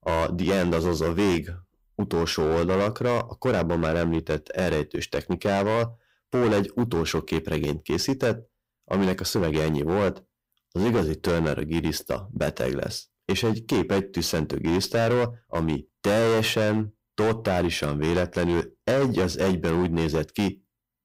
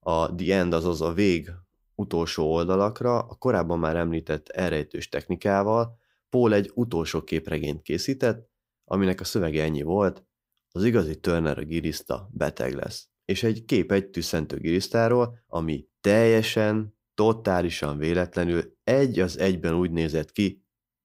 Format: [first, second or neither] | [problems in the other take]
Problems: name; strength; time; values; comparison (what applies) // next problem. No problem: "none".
second | distortion; heavy; 16% of the sound clipped